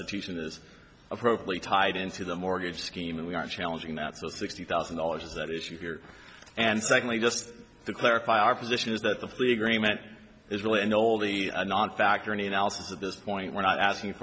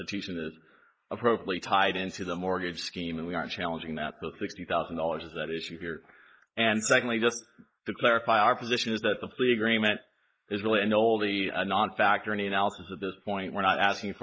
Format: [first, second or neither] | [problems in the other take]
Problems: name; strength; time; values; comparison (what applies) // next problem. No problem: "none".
first | noise reduction (neural mask model Resemble Enhance denoiser)